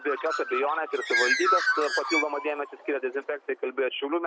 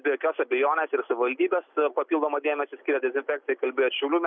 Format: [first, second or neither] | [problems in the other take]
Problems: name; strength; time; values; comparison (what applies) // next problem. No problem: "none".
second | background sound (Bird); 1 dB below the speech